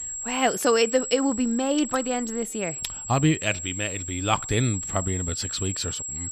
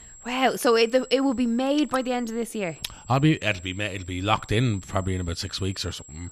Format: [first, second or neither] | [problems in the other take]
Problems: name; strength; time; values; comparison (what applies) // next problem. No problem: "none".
second | high-pitched whine; loud; throughout; 7.5 kHz, 6 dB below the speech; faint in the second